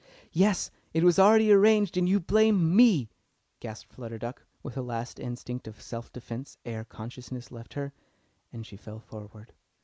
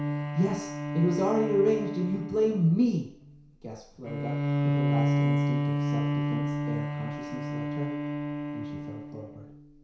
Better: first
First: none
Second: background sound (Bowed string instrument); as loud as the speech // room echo; dies away in 0.6 s

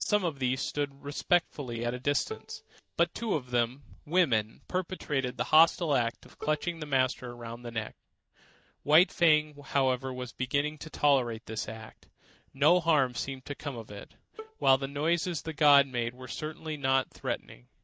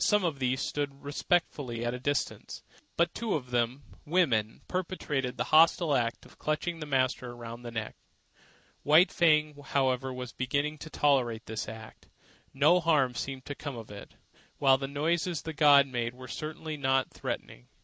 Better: second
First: noise reduction (neural mask model DeepFilterNet 3)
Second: none

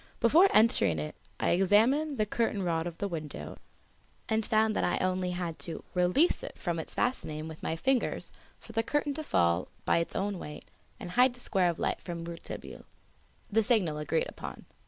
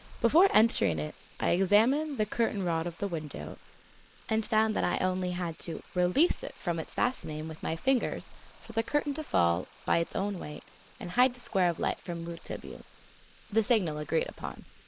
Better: first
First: none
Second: noise reduction (neural mask model Resemble Enhance denoiser)

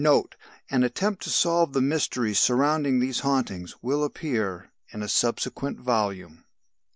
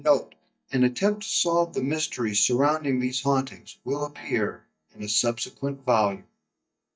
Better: first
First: none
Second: noise reduction (neural mask model DeepFilterNet 3)

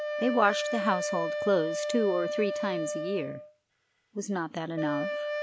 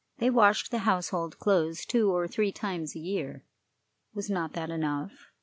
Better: second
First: background sound (Wind instrument, woodwind instrument); 3 dB below the speech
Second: none

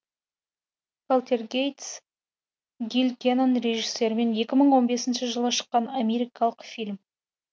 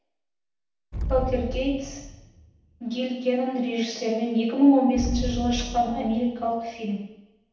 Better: first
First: none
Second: background sound (Explosion); 10 dB below the speech // room echo; dies away in 0.9 s

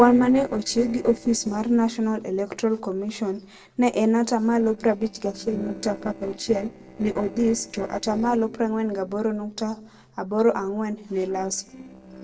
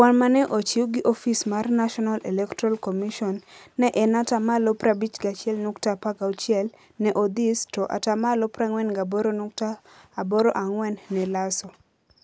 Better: second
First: noise reduction (neural separator model SepFormer DNS4)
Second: none

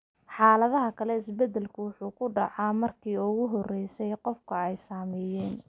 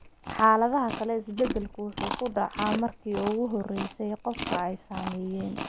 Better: first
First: none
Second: background sound (Chewing, mastication); 9 dB below the speech

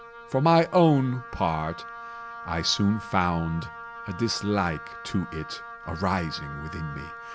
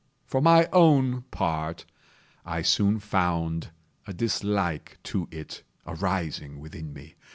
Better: second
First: background sound (Wind instrument, woodwind instrument); 13 dB below the speech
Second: none

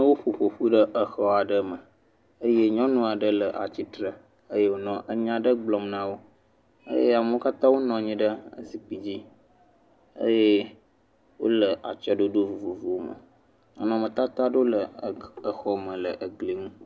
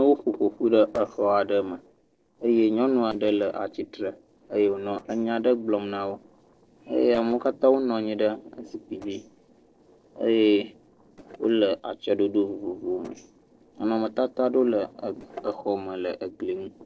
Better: first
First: none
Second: noise reduction (neural separator model SepFormer DNS4)

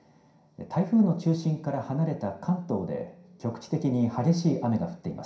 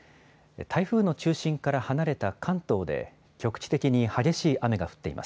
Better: second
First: room echo; dies away in 0.5 s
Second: none

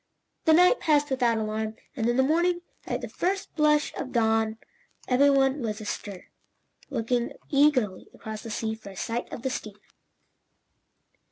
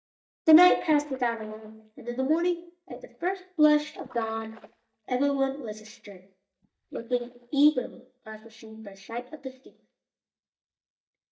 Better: first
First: none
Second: noise reduction (neural mask model DeepFilterNet 3)

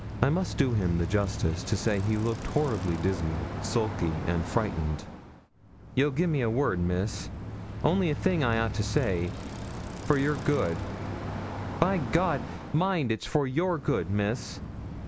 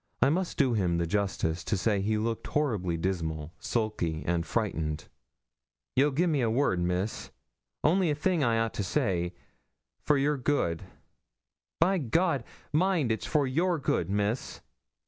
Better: second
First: background sound (Bicycle); 7 dB below the speech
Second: none

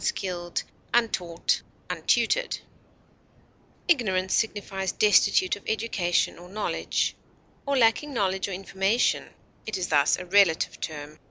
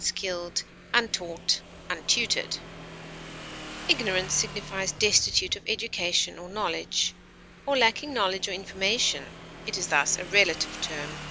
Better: first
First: none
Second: background sound (Motorcycle / Engine); 14 dB below the speech

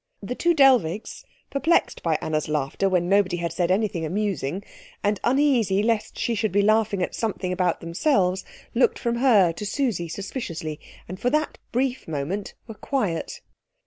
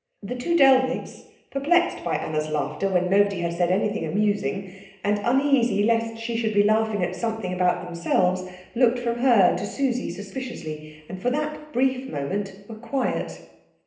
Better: first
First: none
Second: room echo; dies away in 0.8 s

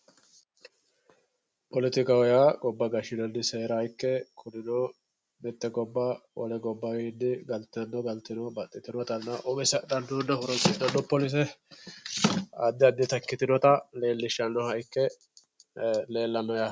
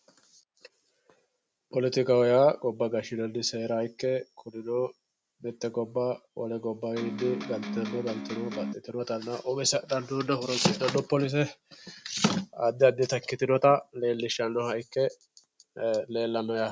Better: first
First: none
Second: background sound (Electric guitar); 6 dB below the speech

